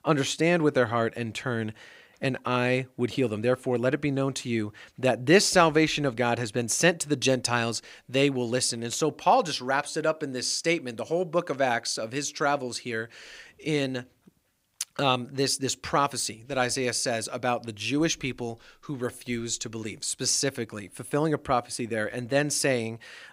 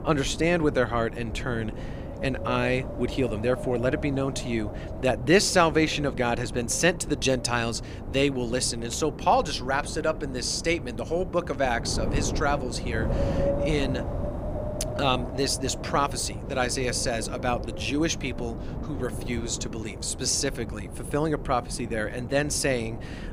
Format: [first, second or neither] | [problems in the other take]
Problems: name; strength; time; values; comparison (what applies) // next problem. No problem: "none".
first | wind noise on the microphone; occasional gusts; 10 dB below the speech